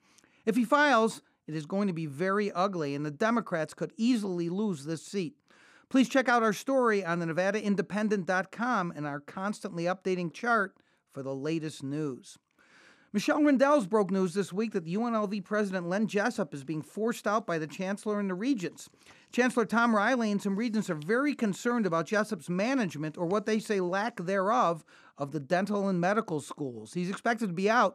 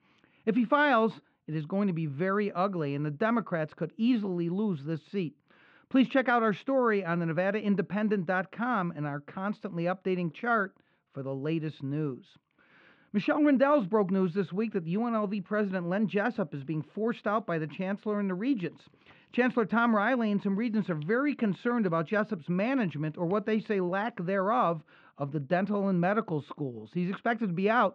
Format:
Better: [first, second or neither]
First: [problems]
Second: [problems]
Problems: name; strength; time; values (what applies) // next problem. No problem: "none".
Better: first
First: none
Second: muffled; slightly; fading above 3 kHz